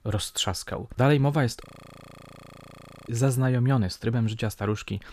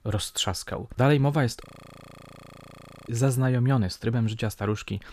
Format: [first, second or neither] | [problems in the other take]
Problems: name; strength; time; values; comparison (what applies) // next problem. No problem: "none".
neither | audio freezing; at 1.5 s for 1.5 s; the same in both